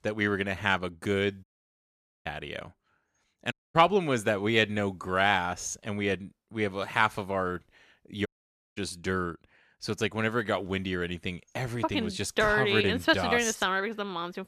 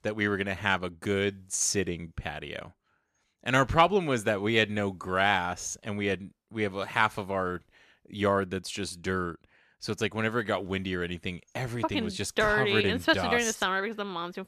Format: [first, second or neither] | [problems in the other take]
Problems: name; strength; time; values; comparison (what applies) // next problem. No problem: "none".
second | audio cutting out; at 1.5 s for 1 s, at 3.5 s and at 8.5 s for 0.5 s